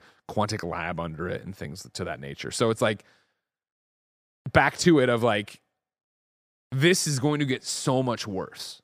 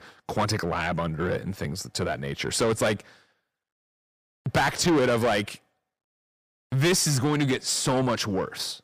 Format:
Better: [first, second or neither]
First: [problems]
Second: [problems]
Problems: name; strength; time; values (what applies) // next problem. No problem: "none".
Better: first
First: none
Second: distortion; heavy; 6 dB below the speech